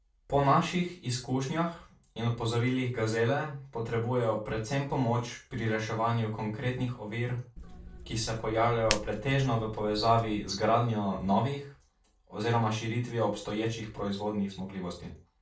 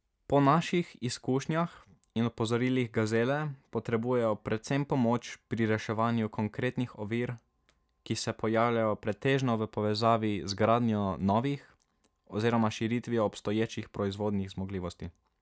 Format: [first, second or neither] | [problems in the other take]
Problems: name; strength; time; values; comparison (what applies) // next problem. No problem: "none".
second | background sound (Hands); 10 dB below the speech // room echo; dies away in 0.3 s